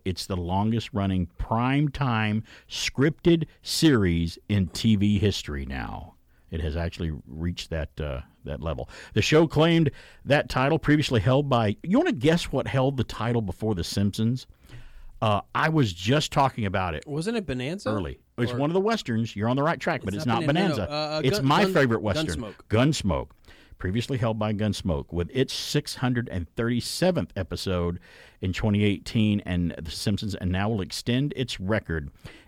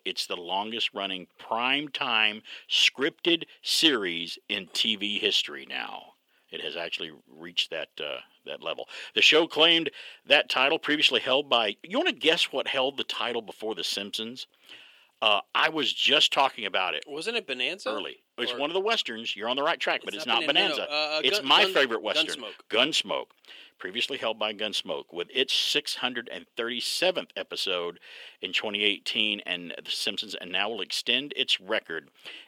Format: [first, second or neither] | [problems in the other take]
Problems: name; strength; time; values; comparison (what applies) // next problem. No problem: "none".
first | thin; somewhat; fading below 350 Hz